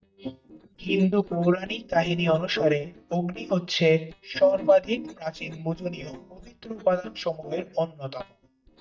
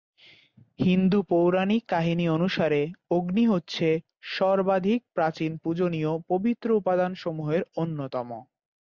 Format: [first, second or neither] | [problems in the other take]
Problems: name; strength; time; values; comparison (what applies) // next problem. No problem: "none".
second | noise reduction (neural mask model DeepFilterNet 3)